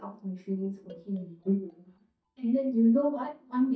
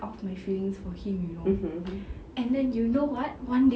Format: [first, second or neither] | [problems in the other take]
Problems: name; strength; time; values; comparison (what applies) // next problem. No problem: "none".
second | noise reduction (neural mask model DeepFilterNet 3)